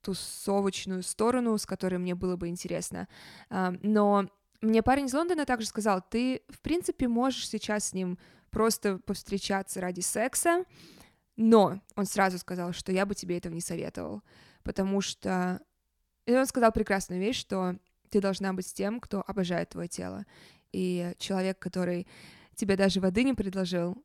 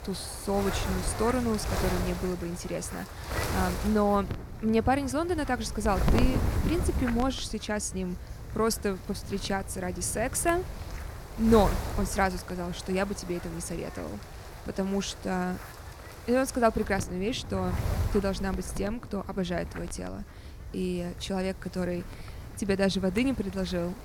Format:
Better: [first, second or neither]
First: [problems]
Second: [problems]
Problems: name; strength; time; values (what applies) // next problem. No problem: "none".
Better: first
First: none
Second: wind noise on the microphone; heavy; 9 dB below the speech